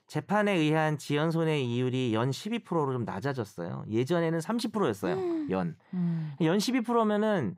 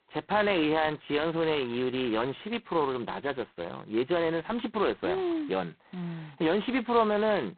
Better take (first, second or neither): first